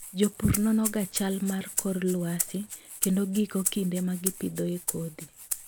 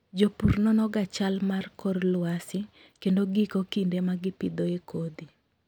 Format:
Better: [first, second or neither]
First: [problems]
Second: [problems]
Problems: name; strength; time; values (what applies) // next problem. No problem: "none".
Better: second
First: background sound (Rattle (instrument)); 7 dB below the speech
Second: none